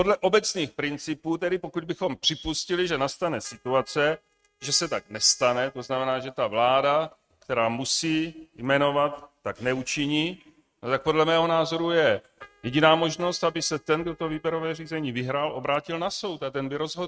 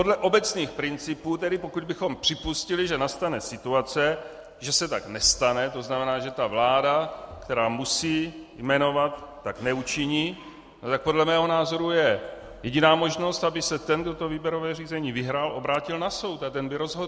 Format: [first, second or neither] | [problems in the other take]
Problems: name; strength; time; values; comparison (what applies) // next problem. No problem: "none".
second | noise reduction (neural mask model RNNoise)